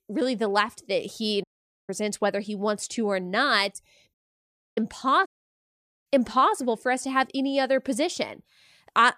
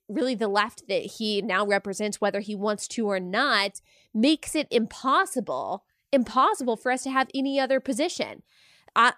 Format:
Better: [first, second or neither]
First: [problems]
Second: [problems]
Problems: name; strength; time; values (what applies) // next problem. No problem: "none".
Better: second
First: audio cutting out; at 1.5 s, at 4 s for 0.5 s and at 5.5 s for 1 s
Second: none